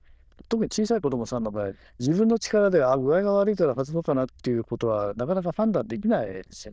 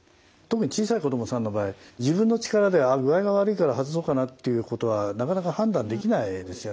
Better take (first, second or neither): second